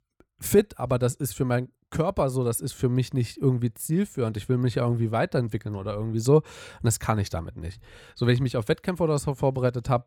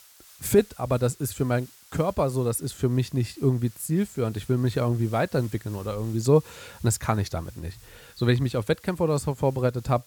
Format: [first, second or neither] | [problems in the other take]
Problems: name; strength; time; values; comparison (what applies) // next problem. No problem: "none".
first | hiss; faint; throughout; 25 dB below the speech